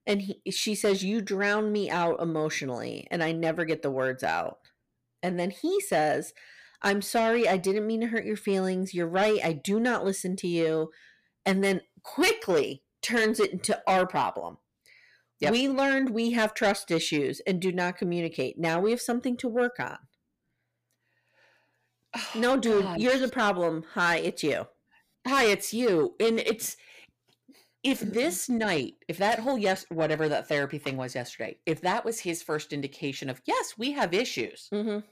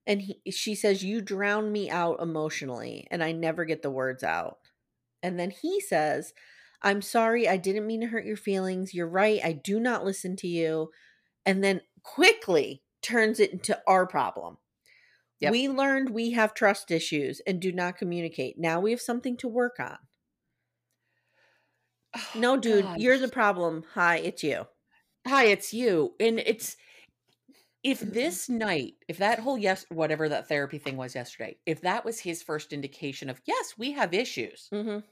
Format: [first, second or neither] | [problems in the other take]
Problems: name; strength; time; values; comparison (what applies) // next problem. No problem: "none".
second | distortion; slight; 10 dB below the speech